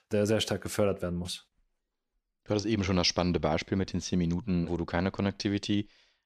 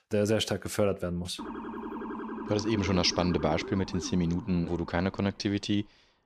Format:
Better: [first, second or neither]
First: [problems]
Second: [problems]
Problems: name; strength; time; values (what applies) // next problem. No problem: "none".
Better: first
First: none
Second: siren; noticeable; from 1.5 to 5.5 s; peak 8 dB below the speech